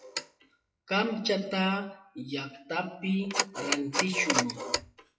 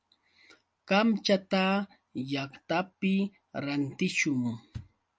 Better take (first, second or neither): second